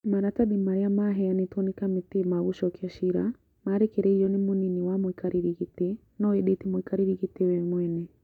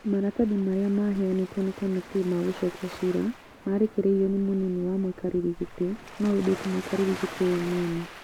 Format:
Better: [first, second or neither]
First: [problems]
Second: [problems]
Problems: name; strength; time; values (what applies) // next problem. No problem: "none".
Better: first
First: none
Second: background sound (Waves, surf); 16 dB below the speech